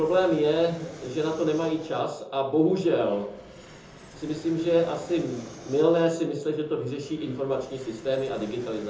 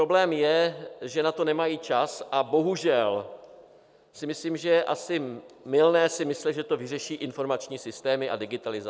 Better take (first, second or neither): second